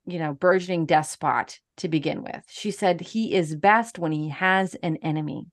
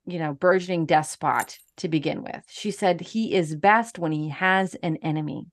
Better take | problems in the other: first | jangling keys; faint; at 1.5 s; peak 15 dB below the speech

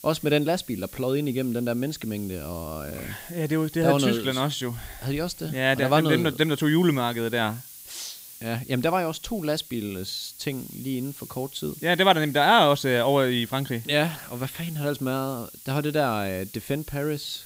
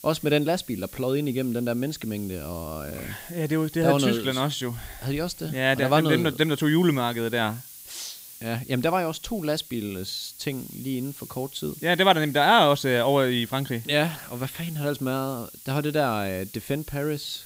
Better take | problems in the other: neither | hiss; noticeable; throughout; 15 dB below the speech; the same in both

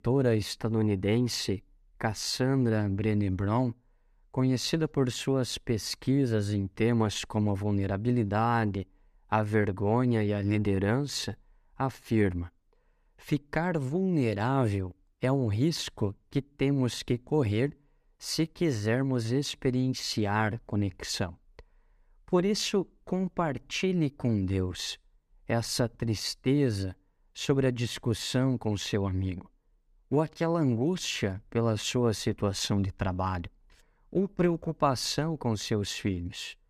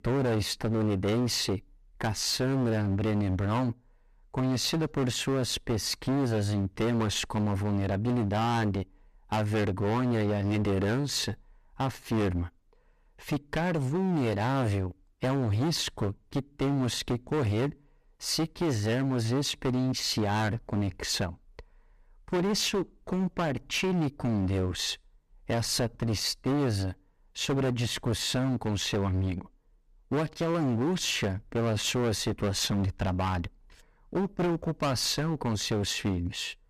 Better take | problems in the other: first | distortion; heavy; 19% of the sound clipped

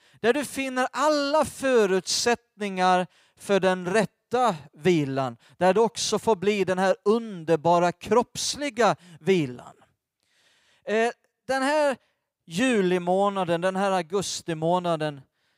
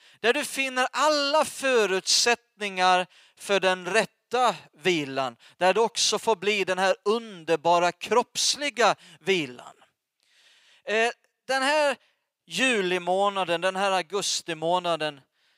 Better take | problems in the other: first | thin; very slightly; fading below 550 Hz

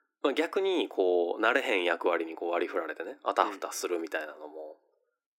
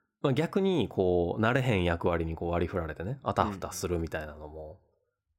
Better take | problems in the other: second | thin; somewhat; fading below 300 Hz

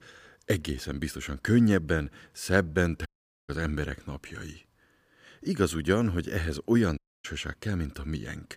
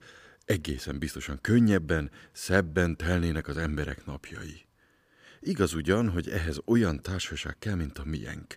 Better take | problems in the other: second | audio cutting out; at 3 s and at 7 s

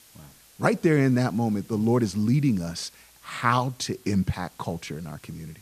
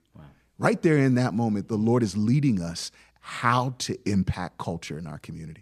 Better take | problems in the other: second | hiss; faint; throughout; 25 dB below the speech

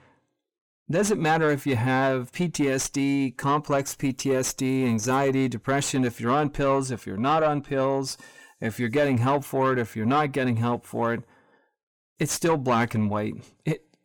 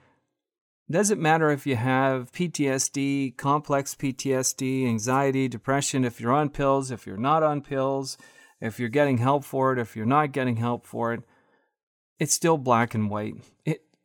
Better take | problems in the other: second | distortion; slight; 10 dB below the speech

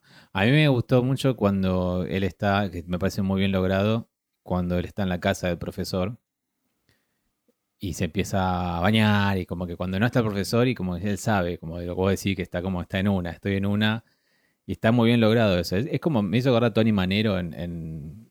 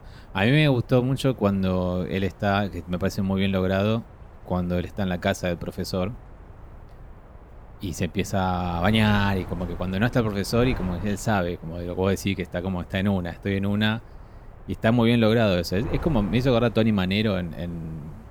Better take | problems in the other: first | wind noise on the microphone; occasional gusts; 20 dB below the speech

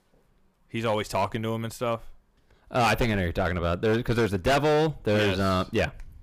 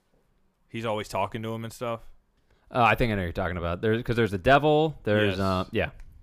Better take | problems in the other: second | distortion; heavy; 9% of the sound clipped

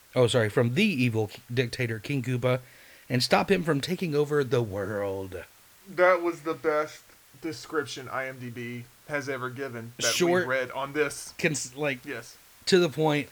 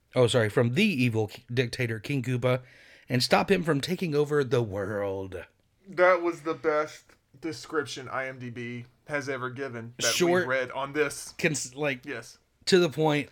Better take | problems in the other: second | hiss; faint; throughout; 25 dB below the speech

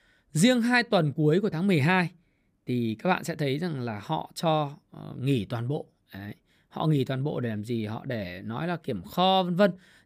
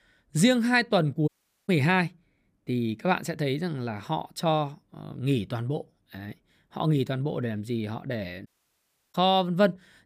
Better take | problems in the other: first | audio cutting out; at 1.5 s and at 8.5 s for 0.5 s

